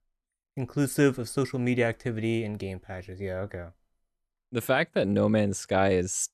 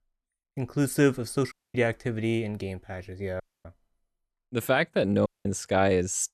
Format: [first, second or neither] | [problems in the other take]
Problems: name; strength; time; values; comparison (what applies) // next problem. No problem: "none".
first | audio cutting out; at 1.5 s, at 3.5 s and at 5.5 s